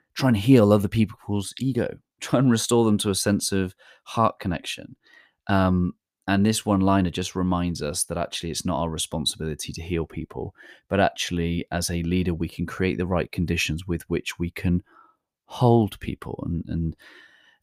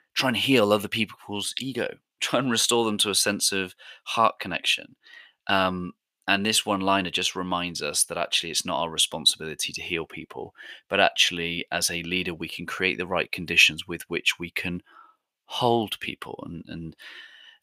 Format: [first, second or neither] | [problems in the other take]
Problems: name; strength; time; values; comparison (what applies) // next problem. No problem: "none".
first | thin; somewhat; fading below 750 Hz